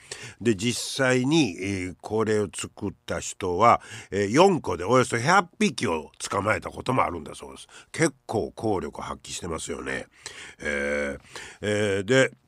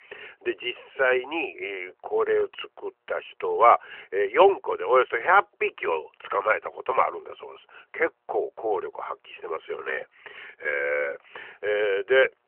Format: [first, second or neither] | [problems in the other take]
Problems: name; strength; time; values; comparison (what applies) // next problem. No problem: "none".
first | phone-call audio; nothing above 3 kHz